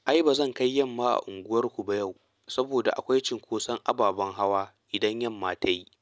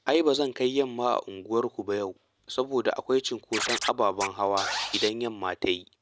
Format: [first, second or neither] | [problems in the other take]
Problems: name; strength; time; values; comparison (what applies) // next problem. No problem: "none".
first | background sound (Scratching (performance technique)); 7 dB below the speech